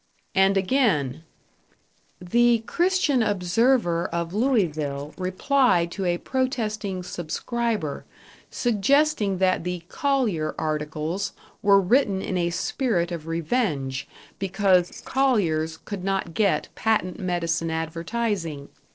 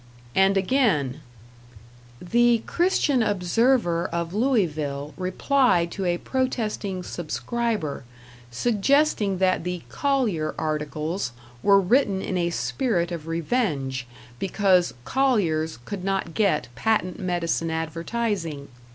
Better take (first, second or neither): second